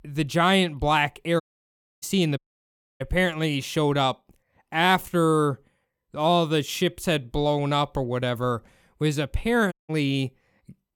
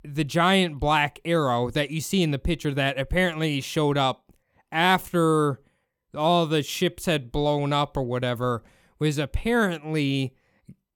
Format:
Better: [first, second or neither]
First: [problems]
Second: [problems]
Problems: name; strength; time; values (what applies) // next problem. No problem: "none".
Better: second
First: audio cutting out; at 1.5 s for 0.5 s, at 2.5 s for 0.5 s and at 9.5 s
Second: none